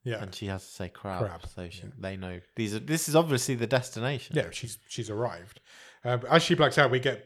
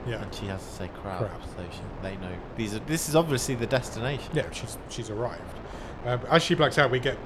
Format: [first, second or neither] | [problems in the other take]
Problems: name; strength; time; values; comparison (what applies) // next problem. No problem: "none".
first | wind noise on the microphone; occasional gusts; 15 dB below the speech